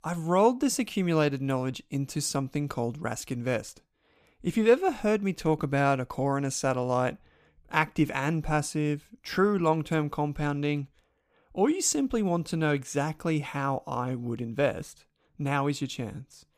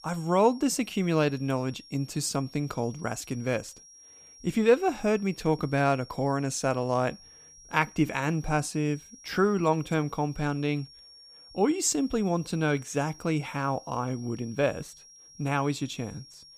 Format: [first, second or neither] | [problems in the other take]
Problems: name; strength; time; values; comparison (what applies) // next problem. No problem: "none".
first | high-pitched whine; faint; throughout; 5.5 kHz, 20 dB below the speech